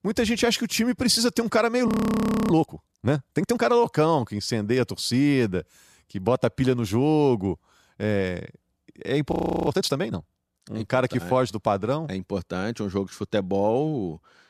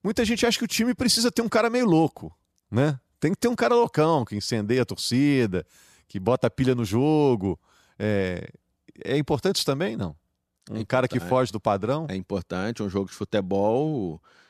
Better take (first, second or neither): second